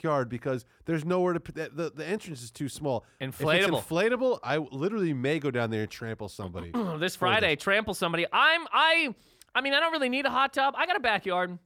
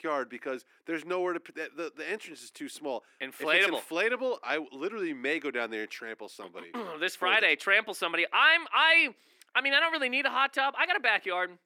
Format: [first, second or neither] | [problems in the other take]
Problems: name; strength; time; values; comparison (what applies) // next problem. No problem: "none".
first | thin; somewhat; fading below 300 Hz